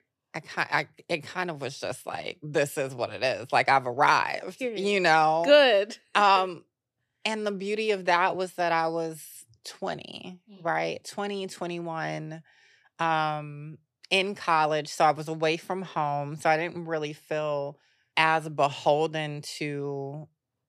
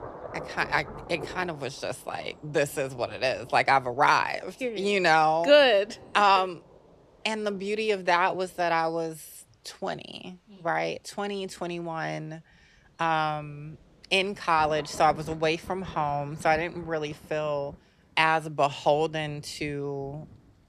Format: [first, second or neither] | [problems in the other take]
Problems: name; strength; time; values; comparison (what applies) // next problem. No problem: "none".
first | rain or running water; faint; throughout; 20 dB below the speech